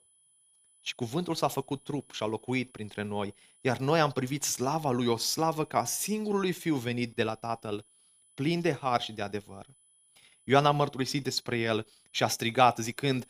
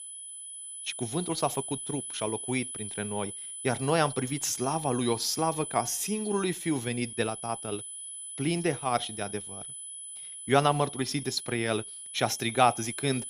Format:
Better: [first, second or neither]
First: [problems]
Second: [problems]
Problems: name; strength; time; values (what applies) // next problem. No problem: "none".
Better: first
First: high-pitched whine; faint; throughout; 10 kHz, 30 dB below the speech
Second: high-pitched whine; loud; throughout; 10 kHz, 8 dB below the speech